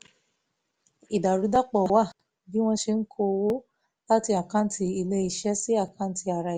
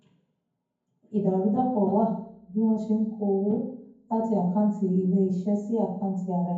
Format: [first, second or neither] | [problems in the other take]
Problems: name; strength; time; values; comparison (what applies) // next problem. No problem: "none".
first | room echo; dies away in 0.9 s